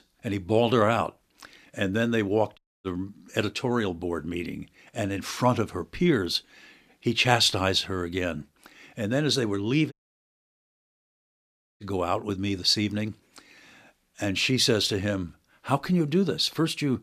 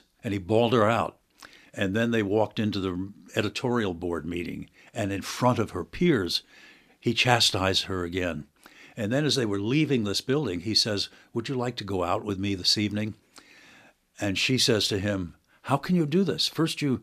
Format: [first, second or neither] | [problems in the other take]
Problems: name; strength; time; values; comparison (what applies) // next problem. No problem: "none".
second | audio cutting out; at 2.5 s and at 10 s for 2 s